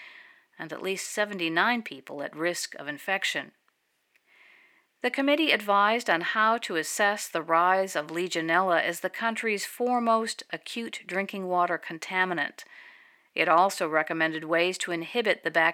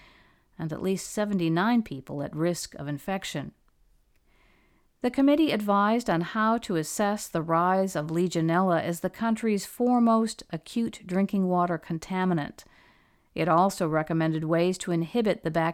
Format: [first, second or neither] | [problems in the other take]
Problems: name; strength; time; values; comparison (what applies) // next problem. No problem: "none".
second | thin; somewhat; fading below 400 Hz